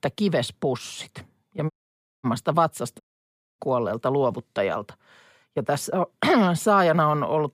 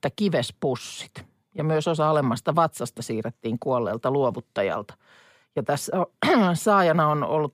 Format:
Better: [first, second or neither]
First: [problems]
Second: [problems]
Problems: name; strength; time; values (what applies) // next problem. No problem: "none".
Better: second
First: audio cutting out; at 1.5 s for 0.5 s and at 3 s for 0.5 s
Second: none